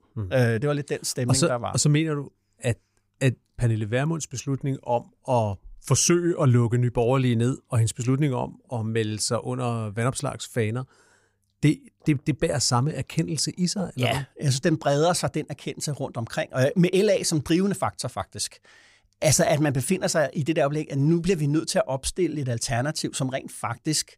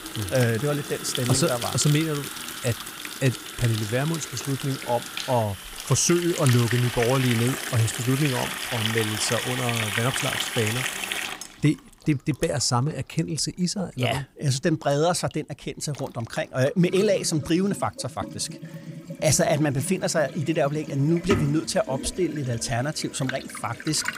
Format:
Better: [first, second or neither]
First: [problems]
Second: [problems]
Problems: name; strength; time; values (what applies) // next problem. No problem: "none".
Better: first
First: none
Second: household noises; loud; throughout; 6 dB below the speech